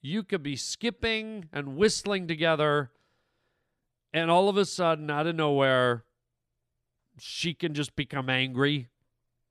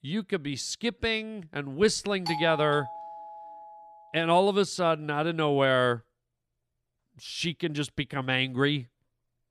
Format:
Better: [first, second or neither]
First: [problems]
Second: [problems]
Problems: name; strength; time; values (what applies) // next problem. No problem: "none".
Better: first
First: none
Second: doorbell; noticeable; from 2.5 to 4 s; peak 6 dB below the speech